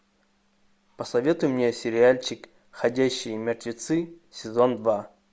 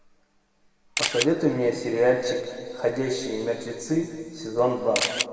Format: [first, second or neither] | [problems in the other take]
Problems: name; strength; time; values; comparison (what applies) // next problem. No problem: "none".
first | background sound (Camera); as loud as the speech // room echo; dies away in 2.2 s